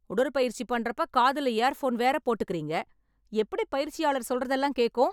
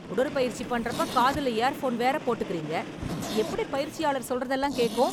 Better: first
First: none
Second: background sound (Zipper (clothing) + Train); 8 dB below the speech

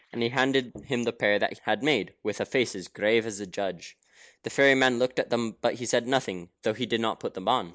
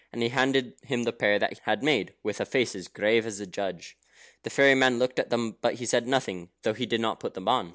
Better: second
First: noise reduction (neural mask model Resemble Enhance denoiser)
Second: none

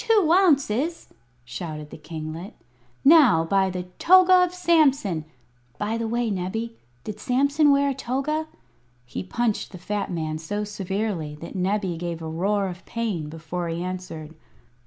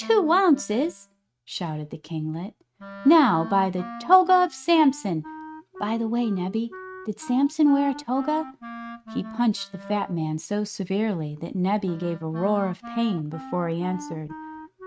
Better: first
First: none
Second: noise reduction (neural mask model RNNoise)

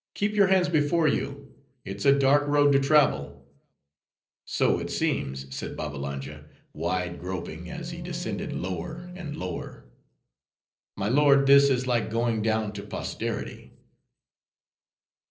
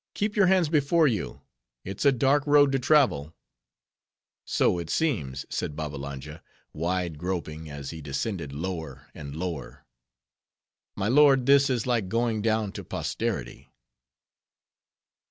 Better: second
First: noise reduction (neural separator model SepFormer DNS4)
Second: none

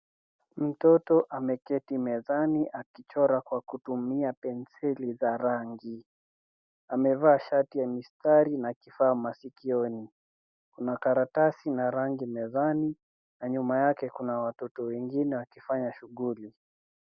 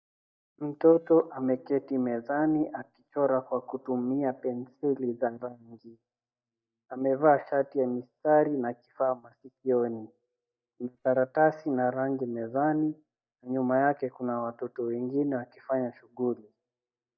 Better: first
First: none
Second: noise reduction (neural mask model DeepFilterNet 3)

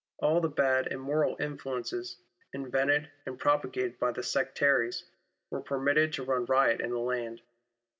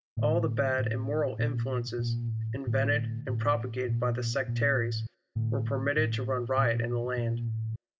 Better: first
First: none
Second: background sound (Bass guitar); 1 dB above the speech

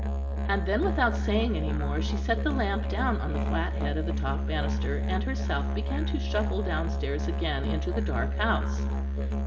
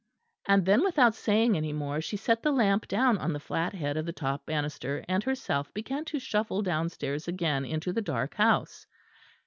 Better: second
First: background sound (Musical instrument); 4 dB above the speech // room echo; dies away in 1.3 s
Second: none

